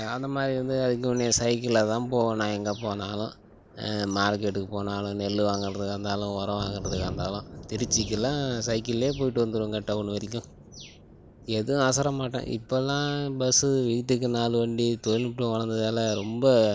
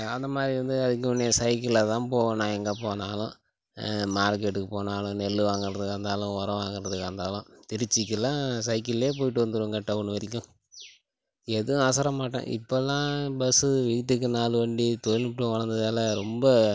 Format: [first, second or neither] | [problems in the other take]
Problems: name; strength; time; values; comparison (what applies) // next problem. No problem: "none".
second | background sound (Thunder); 17 dB below the speech